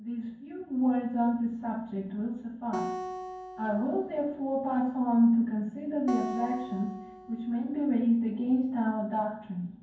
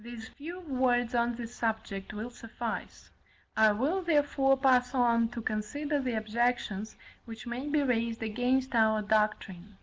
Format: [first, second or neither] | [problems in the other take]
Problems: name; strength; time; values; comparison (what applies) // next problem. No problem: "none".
second | background sound (Acoustic guitar); 11 dB below the speech // room echo; dies away in 0.9 s